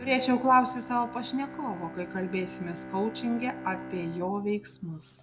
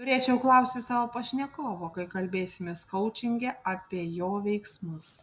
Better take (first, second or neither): second